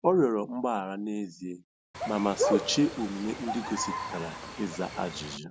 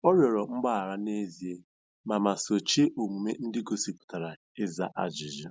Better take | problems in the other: second | background sound (Bird); 4 dB below the speech

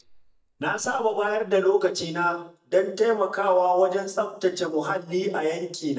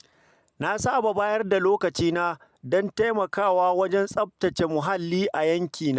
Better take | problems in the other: second | noise reduction (neural mask model DeepFilterNet 3)

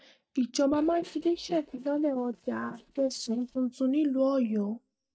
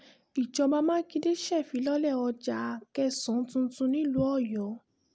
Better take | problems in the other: second | noise reduction (neural mask model DeepFilterNet 3)

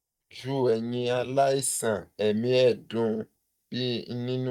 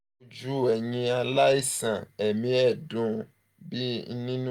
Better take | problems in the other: second | noise reduction (neural mask model DeepFilterNet 3)

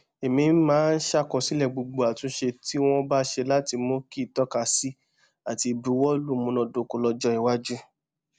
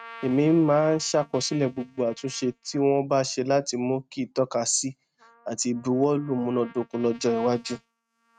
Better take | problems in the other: first | noise reduction (neural mask model RNNoise)

